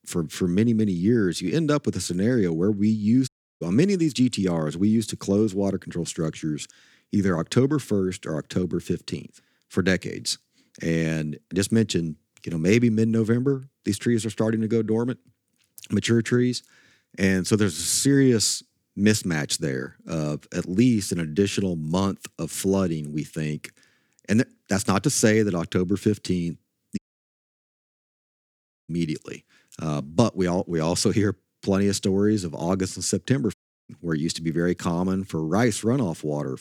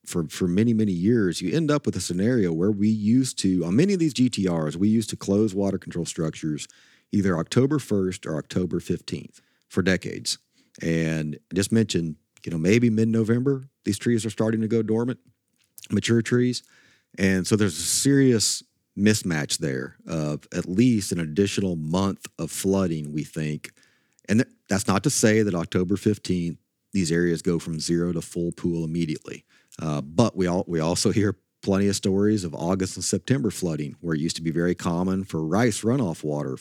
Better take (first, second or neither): second